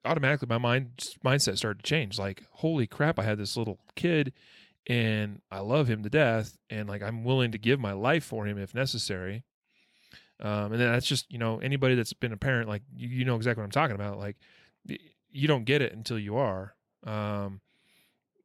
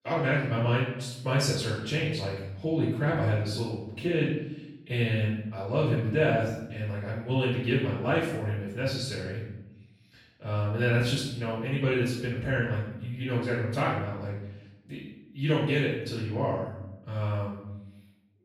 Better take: first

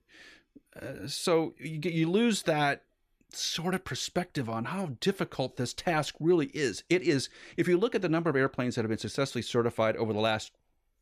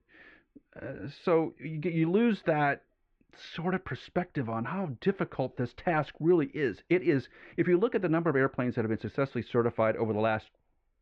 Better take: first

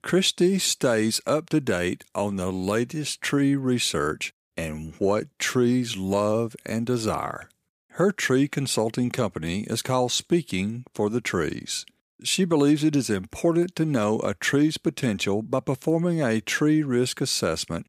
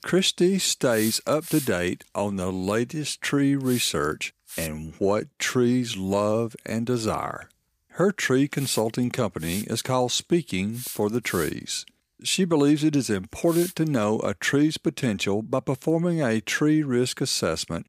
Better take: first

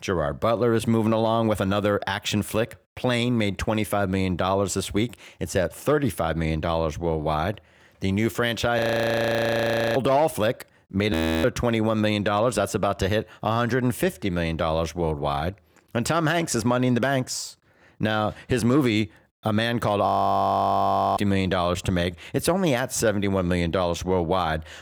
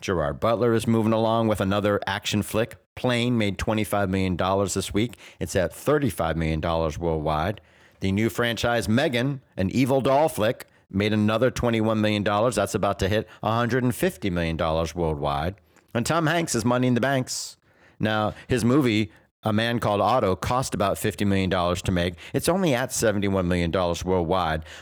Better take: second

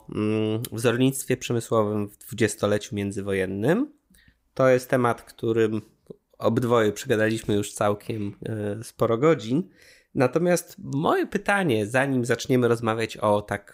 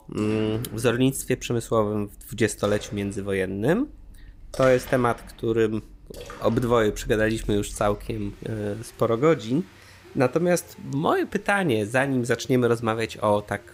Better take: first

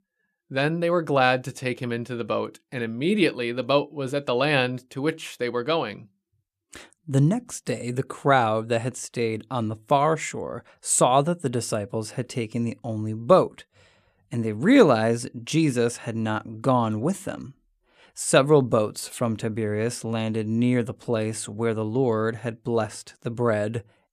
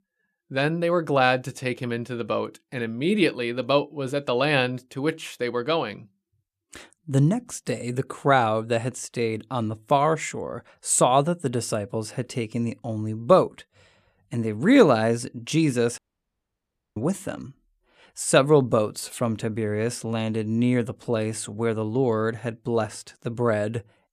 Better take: first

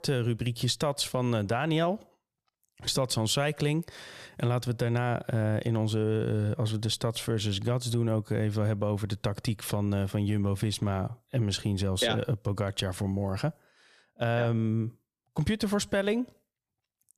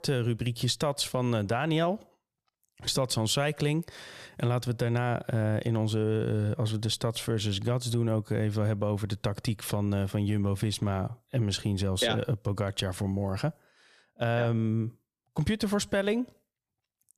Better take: neither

